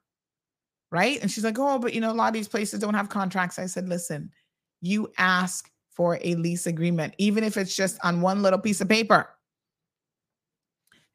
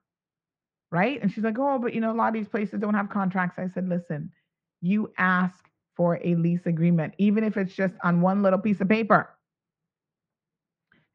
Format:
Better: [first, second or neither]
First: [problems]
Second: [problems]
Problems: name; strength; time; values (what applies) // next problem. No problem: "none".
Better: first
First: none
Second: muffled; very; fading above 2 kHz